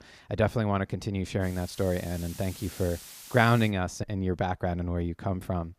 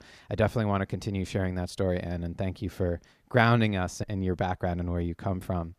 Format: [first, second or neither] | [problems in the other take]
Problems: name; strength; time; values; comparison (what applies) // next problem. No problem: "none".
second | hiss; noticeable; from 1.5 to 3.5 s; 15 dB below the speech